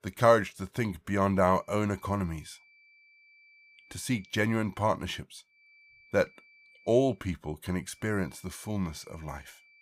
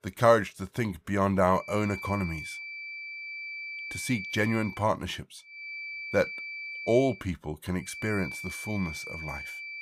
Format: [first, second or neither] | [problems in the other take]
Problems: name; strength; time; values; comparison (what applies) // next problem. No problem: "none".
first | high-pitched whine; loud; from 1.5 to 4.5 s, from 5.5 to 7 s and from 8 s on; 2.5 kHz, 8 dB below the speech; faint in the first